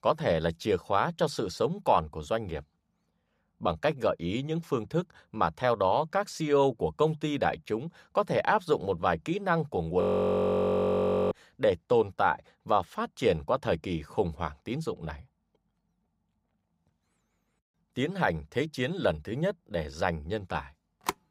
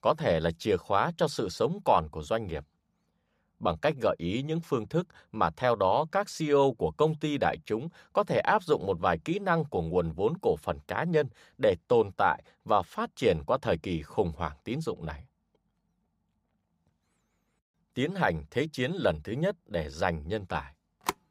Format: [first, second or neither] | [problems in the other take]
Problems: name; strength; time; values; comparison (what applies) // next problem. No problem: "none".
second | audio freezing; at 10 s for 1.5 s